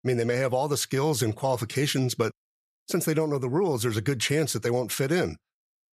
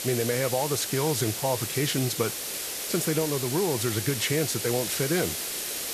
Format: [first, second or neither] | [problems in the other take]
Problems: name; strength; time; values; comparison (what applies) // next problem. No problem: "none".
first | hiss; loud; throughout; 2 dB below the speech